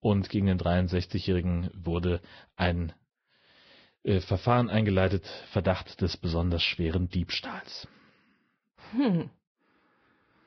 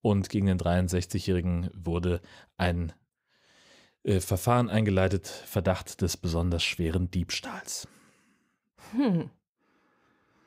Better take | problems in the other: second | garbled, watery; badly; nothing above 5.5 kHz

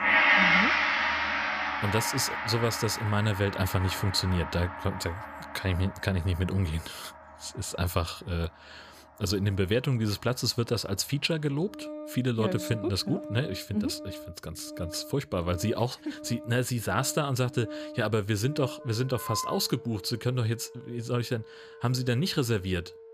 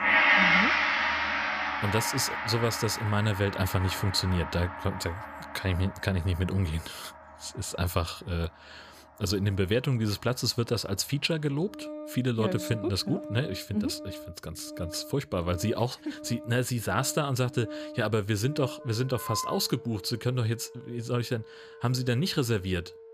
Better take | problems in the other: neither | background music; very loud; throughout; as loud as the speech; the same in both

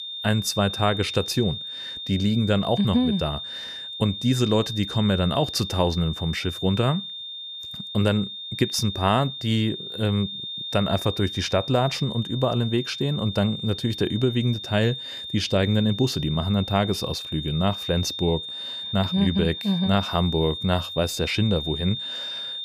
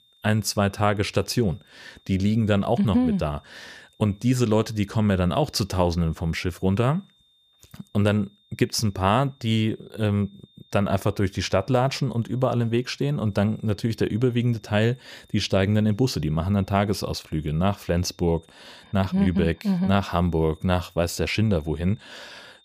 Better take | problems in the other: second | high-pitched whine; loud; throughout; 3.5 kHz, 7 dB below the speech; faint in the second

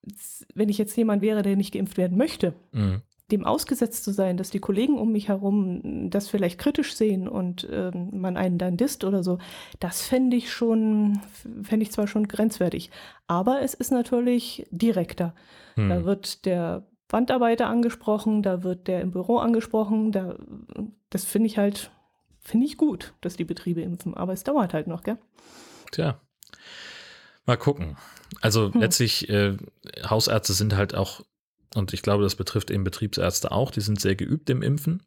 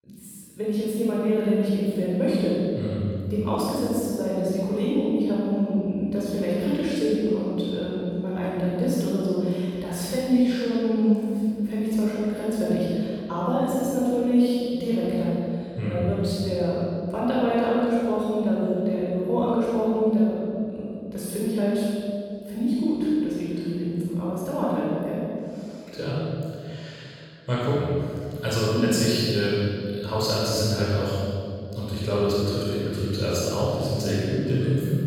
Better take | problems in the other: first | off-mic speech; far // room echo; strong; dies away in 2.3 s

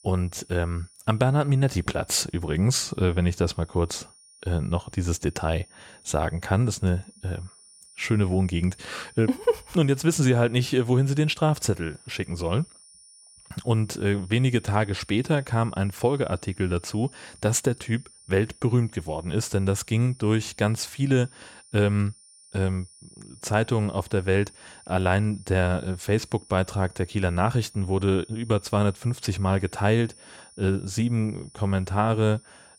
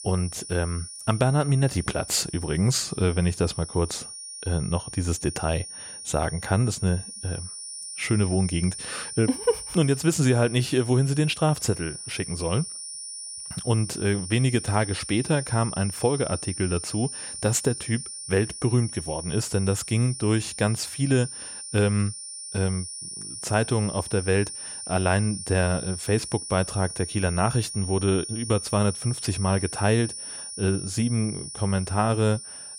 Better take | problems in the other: first | high-pitched whine; loud; throughout; 9.5 kHz, 9 dB below the speech; faint in the first

